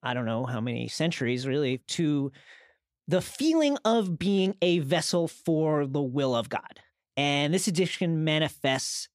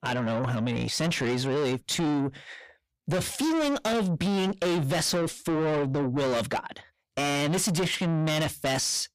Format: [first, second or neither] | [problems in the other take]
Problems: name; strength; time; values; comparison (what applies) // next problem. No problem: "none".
first | distortion; heavy; 6 dB below the speech